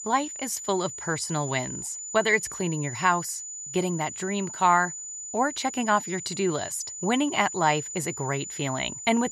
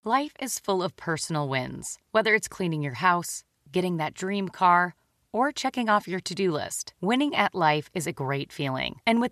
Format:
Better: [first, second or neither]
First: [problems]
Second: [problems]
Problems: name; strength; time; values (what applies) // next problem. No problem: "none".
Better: second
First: high-pitched whine; loud; throughout; 7 kHz, 8 dB below the speech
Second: none